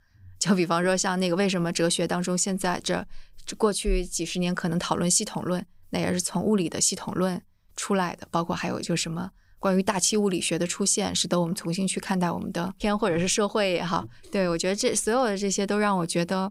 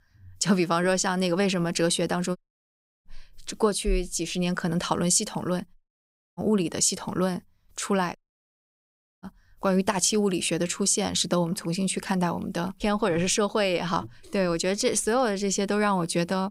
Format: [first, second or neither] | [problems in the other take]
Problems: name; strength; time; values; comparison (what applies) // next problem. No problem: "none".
first | audio cutting out; at 2.5 s for 0.5 s, at 6 s for 0.5 s and at 8 s for 1 s